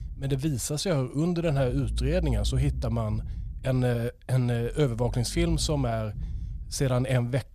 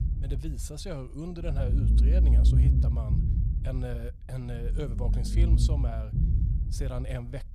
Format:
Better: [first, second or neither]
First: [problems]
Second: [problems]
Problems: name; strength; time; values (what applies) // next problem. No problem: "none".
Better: first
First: low rumble; faint; throughout; 20 dB below the speech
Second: low rumble; loud; throughout; 1 dB below the speech